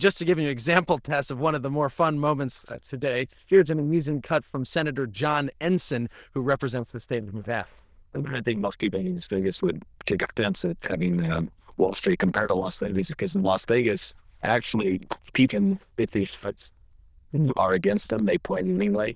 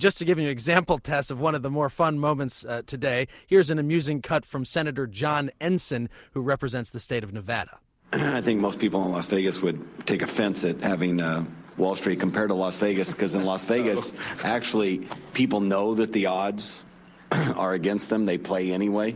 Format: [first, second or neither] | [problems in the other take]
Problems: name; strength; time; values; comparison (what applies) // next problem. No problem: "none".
second | noise reduction (neural diffusion model UNIVERSE++)